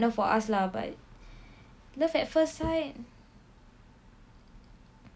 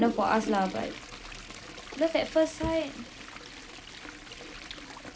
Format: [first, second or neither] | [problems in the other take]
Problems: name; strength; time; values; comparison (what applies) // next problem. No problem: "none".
first | background sound (Toilet flush); 10 dB below the speech